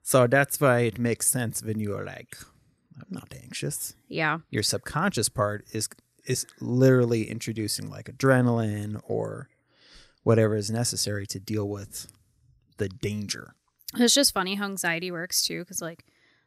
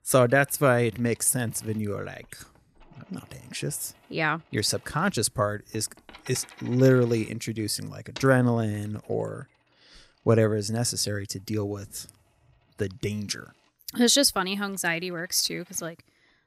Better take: first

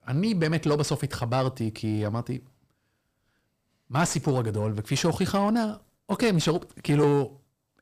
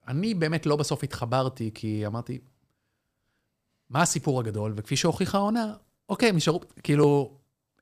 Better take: second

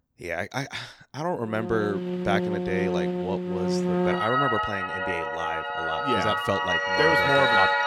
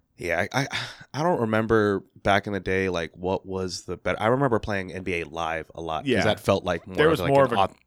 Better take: second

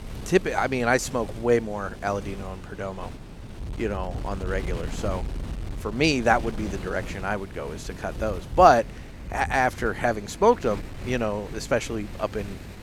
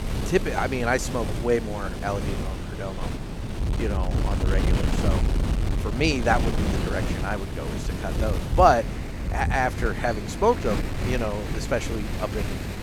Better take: first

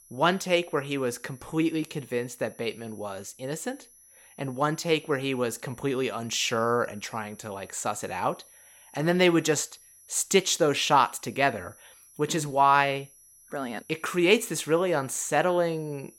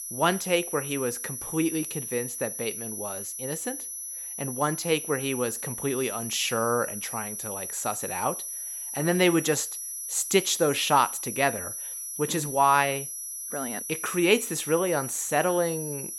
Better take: first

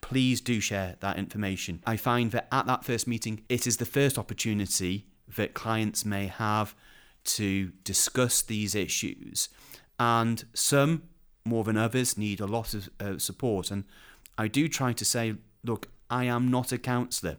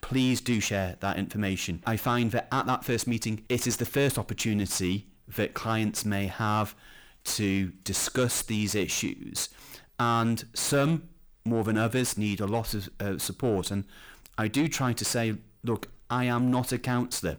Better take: first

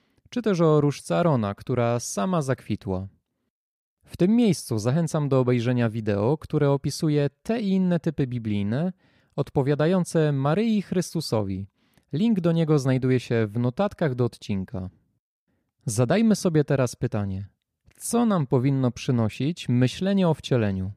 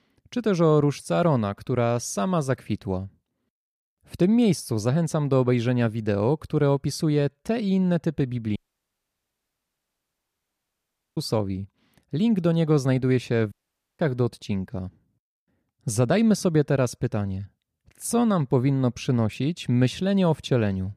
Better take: first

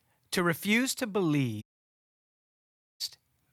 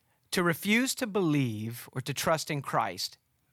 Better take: second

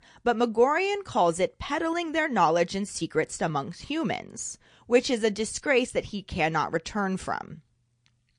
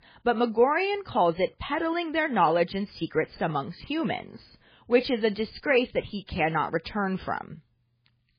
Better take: first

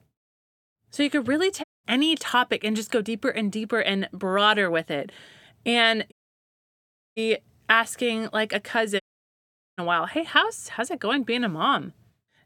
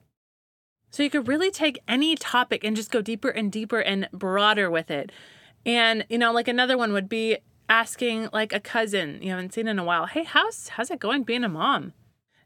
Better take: second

